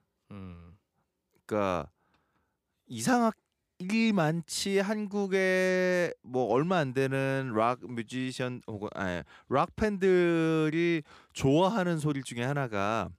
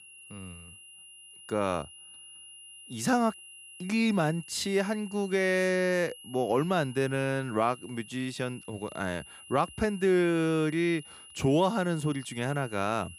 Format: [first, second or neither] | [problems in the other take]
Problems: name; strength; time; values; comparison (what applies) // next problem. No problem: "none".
first | high-pitched whine; noticeable; throughout; 3 kHz, 20 dB below the speech